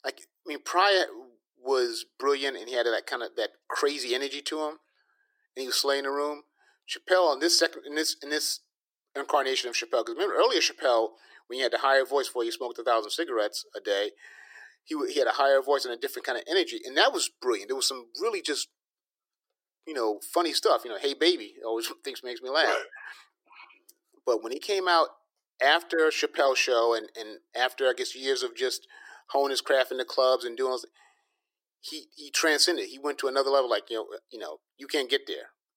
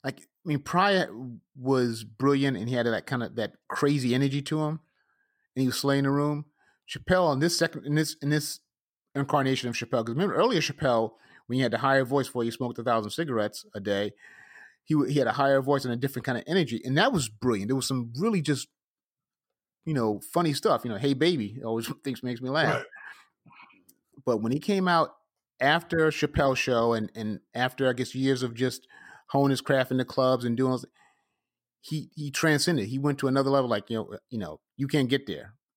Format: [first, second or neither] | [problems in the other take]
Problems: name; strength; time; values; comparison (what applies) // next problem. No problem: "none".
second | thin; very; fading below 350 Hz